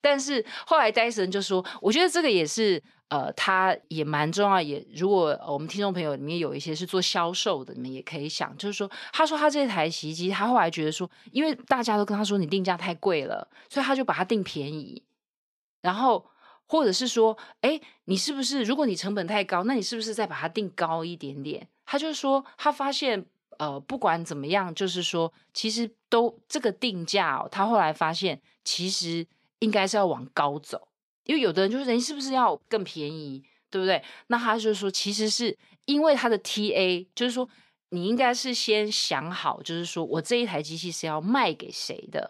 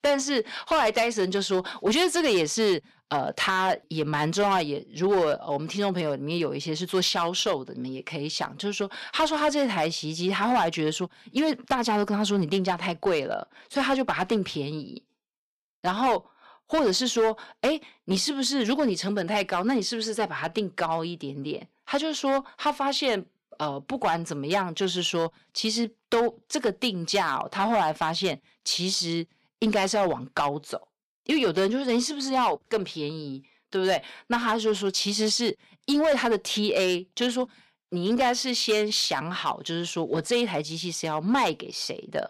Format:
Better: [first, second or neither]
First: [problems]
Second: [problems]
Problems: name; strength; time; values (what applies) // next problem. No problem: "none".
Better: first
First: none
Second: distortion; slight; 5% of the sound clipped